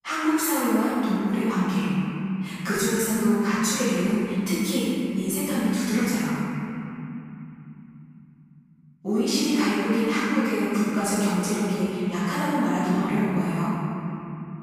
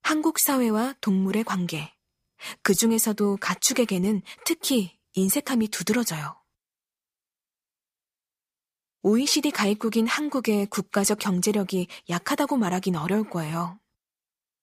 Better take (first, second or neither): second